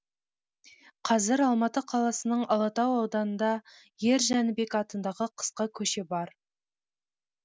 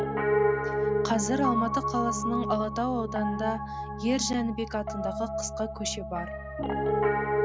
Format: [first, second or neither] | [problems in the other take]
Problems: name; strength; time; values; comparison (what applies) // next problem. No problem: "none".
first | background sound (Piano); 2 dB above the speech